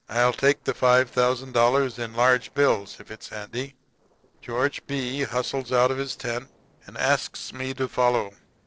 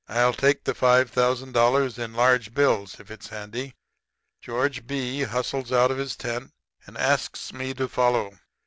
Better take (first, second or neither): second